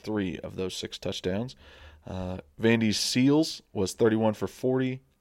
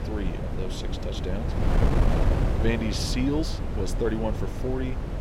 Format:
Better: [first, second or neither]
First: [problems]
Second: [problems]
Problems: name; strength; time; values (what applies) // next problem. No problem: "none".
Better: first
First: none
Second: wind noise on the microphone; heavy; 2 dB below the speech